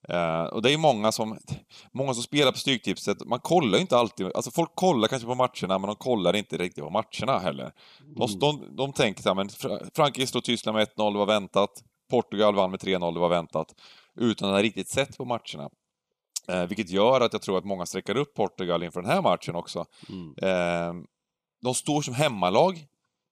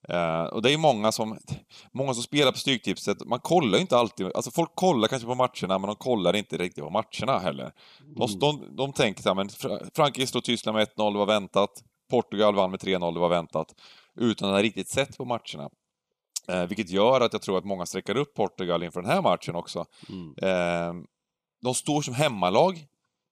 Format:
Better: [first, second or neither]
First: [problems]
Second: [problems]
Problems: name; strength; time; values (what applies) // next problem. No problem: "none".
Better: neither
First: none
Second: none